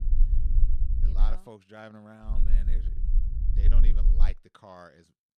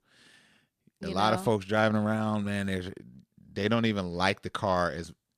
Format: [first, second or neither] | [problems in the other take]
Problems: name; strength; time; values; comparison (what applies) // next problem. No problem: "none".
second | low rumble; loud; until 1.5 s and from 2.5 to 4.5 s; 4 dB below the speech